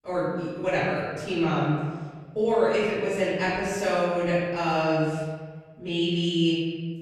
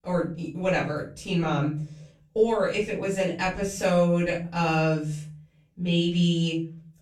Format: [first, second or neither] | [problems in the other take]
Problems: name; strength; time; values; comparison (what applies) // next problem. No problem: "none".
second | room echo; strong; dies away in 1.4 s; slight in the second // off-mic speech; far; far in the second